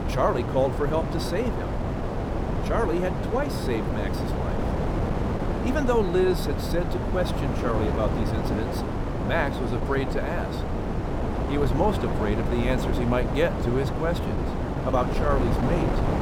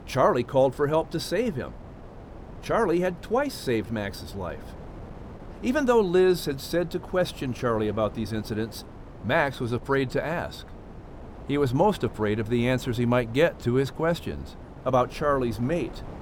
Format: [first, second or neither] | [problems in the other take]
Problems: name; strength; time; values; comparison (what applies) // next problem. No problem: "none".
second | wind noise on the microphone; heavy; 3 dB below the speech; occasional gusts in the second